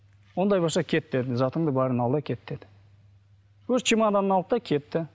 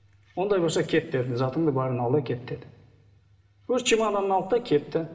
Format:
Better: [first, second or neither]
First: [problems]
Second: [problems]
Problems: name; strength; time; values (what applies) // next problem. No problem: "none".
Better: first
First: none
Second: room echo; dies away in 0.9 s